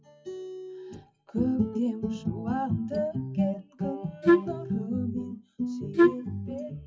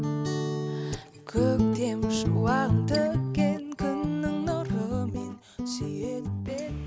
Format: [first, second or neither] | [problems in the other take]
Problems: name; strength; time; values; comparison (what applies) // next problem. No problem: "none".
second | noise reduction (classical method WPE with log-MMSE)